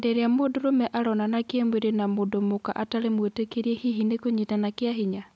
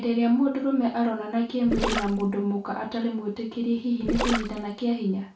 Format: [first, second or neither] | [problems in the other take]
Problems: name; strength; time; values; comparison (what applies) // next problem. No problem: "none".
first | background sound (Gurgling); 5 dB below the speech // room echo; dies away in 0.3 s